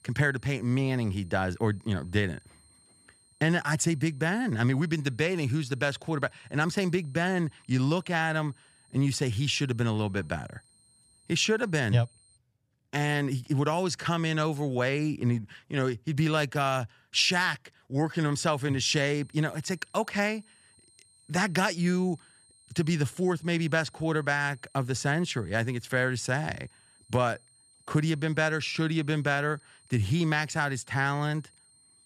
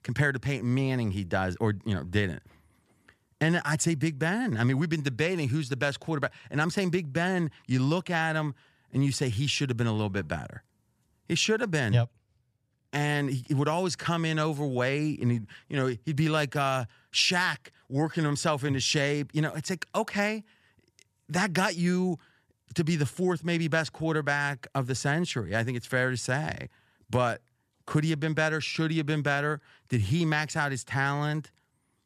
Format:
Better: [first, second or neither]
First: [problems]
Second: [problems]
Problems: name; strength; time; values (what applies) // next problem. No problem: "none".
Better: second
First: high-pitched whine; faint; until 12 s and from 18 s on; 8.5 kHz, 30 dB below the speech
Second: none